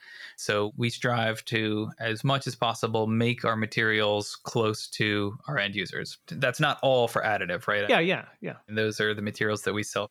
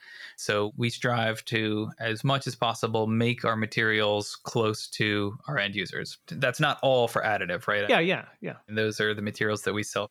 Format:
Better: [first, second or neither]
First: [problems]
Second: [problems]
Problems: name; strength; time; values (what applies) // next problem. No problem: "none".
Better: neither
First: none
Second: none